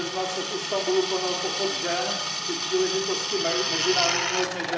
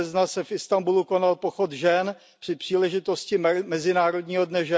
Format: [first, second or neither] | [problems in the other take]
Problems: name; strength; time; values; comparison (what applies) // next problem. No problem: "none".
second | background sound (Drill); as loud as the speech // room echo; dies away in 0.9 s